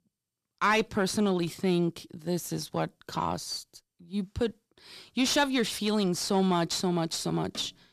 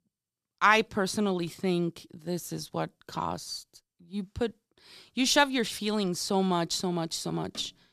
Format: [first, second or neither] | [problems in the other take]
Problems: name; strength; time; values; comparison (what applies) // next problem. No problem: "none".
second | distortion; slight; 10 dB below the speech